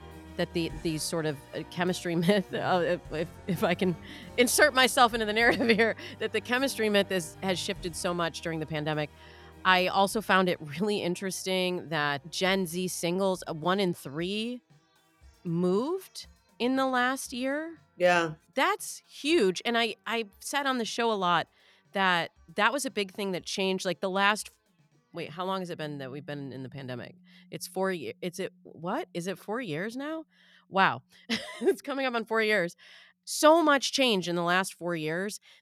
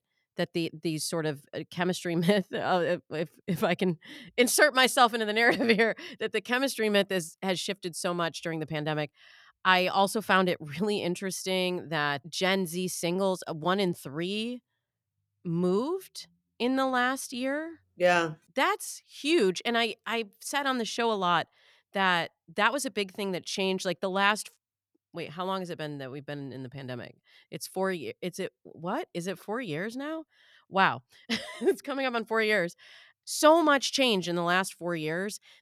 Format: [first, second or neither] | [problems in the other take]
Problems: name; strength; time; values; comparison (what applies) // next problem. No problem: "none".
second | background music; faint; throughout; 25 dB below the speech